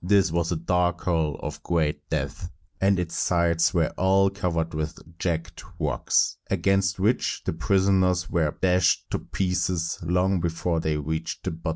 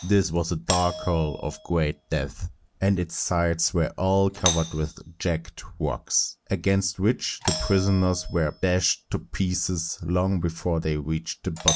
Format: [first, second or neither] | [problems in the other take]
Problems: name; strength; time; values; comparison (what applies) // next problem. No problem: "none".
first | background sound (Doorbell); 11 dB below the speech